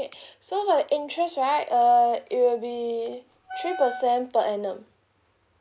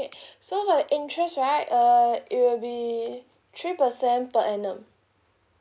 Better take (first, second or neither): second